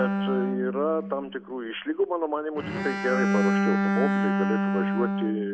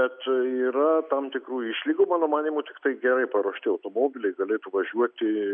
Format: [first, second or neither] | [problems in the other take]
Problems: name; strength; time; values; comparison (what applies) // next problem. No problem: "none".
second | background sound (Bowed string instrument); 2 dB above the speech